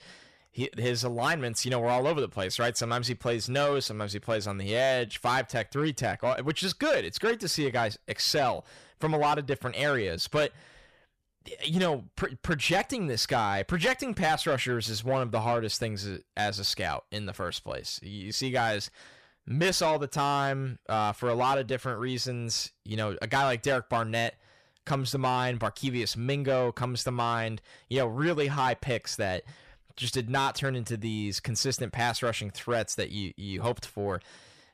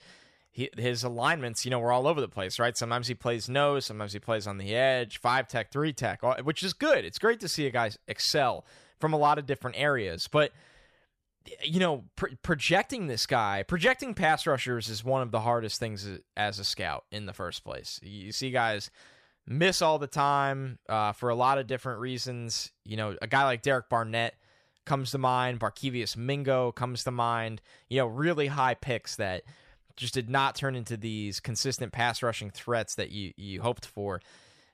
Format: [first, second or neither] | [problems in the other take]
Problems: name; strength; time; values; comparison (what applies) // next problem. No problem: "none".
second | distortion; slight; 10 dB below the speech